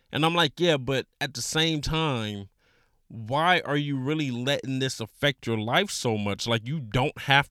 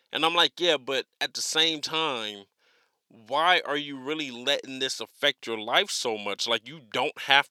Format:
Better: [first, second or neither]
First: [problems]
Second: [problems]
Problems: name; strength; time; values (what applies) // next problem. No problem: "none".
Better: first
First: none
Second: thin; somewhat; fading below 450 Hz